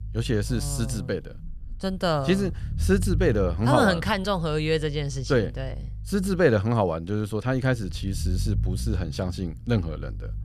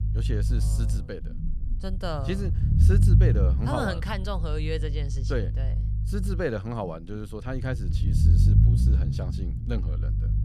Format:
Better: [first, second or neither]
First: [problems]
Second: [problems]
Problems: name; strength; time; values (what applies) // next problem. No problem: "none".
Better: first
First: low rumble; faint; throughout; 25 dB below the speech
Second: low rumble; loud; throughout; 5 dB below the speech